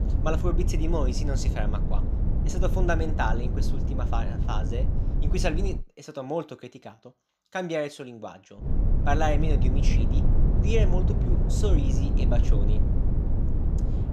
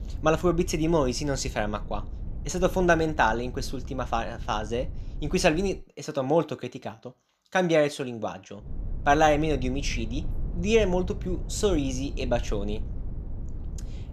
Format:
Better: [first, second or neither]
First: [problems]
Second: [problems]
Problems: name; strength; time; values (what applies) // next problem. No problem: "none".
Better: second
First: low rumble; loud; until 6 s and from 8.5 s on; 7 dB below the speech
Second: low rumble; faint; until 6 s and from 8.5 s on; 25 dB below the speech